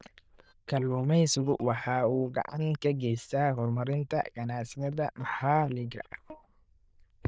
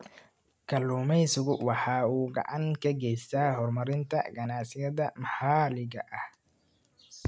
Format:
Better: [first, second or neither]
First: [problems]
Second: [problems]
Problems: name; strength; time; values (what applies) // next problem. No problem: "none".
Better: second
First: noise reduction (neural diffusion model UNIVERSE++)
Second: none